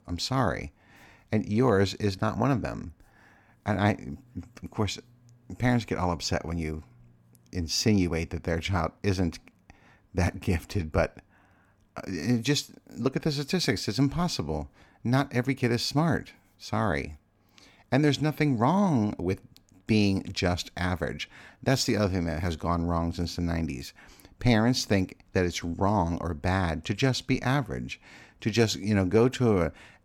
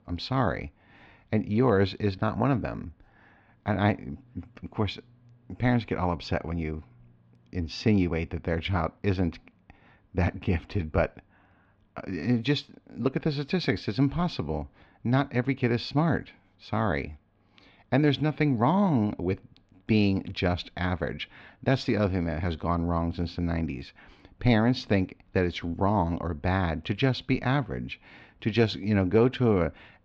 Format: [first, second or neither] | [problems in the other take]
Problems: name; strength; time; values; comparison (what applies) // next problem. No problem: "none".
first | muffled; slightly; fading above 3.5 kHz